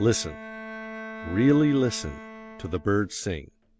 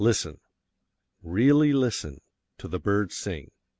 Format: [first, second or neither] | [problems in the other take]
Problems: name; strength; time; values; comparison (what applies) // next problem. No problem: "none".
second | background sound (Bowed string instrument); 14 dB below the speech